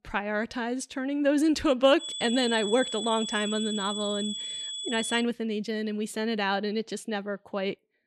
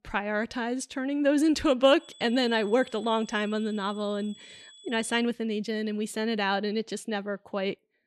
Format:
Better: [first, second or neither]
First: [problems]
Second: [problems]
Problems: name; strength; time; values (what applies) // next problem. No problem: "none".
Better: second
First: high-pitched whine; loud; from 2 to 5 s; 3.5 kHz, 5 dB below the speech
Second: high-pitched whine; faint; from 2 to 5 s; 3.5 kHz, 20 dB below the speech